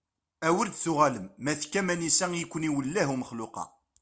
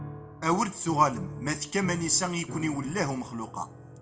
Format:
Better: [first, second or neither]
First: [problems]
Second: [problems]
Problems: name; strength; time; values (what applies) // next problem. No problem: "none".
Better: first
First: none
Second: background sound (Piano); 12 dB below the speech // room echo; dies away in 0.7 s